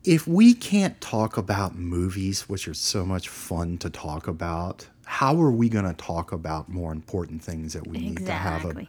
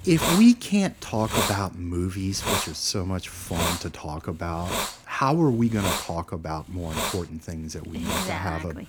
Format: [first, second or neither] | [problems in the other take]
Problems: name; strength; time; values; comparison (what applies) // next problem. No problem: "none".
first | hiss; loud; throughout; 2 dB below the speech